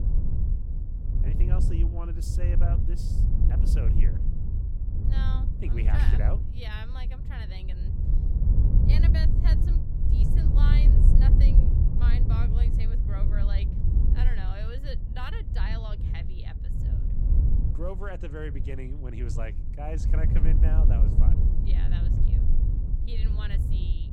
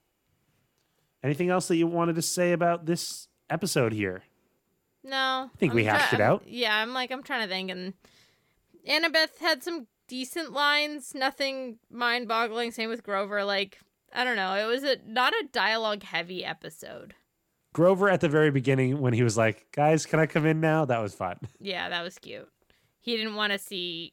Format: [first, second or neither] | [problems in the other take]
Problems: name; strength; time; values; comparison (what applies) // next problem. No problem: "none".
second | wind noise on the microphone; heavy; 1 dB below the speech